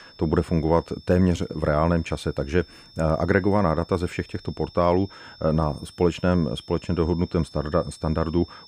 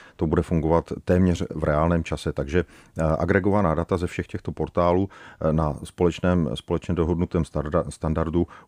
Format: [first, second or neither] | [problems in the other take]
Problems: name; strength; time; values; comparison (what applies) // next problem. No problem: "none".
second | high-pitched whine; faint; throughout; 5.5 kHz, 25 dB below the speech